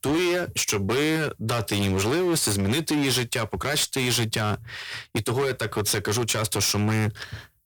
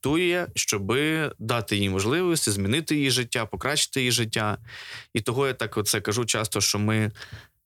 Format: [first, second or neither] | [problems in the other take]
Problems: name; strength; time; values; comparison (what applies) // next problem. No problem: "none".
second | distortion; heavy; 21% of the sound clipped